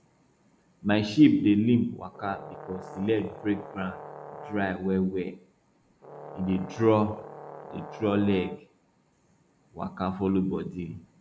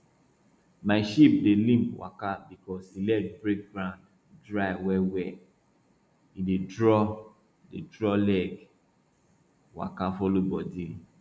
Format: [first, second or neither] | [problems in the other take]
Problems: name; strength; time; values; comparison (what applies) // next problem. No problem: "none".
second | background sound (Brass instrument); 16 dB below the speech